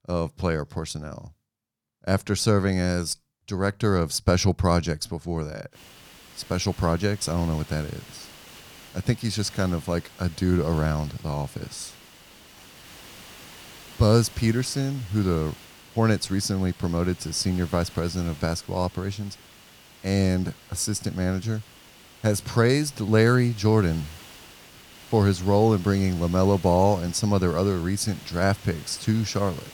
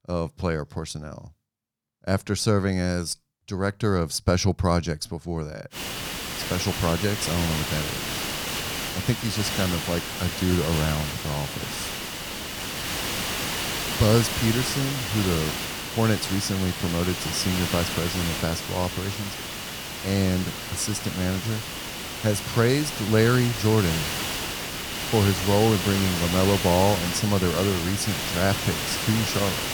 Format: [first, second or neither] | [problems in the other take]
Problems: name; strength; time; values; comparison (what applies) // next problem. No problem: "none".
first | hiss; loud; from 6 s on; 3 dB below the speech; faint in the first